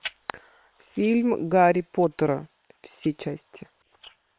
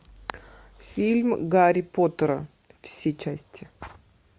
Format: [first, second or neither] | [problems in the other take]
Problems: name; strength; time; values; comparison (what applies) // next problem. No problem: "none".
second | noise reduction (neural separator model SepFormer WHAM!)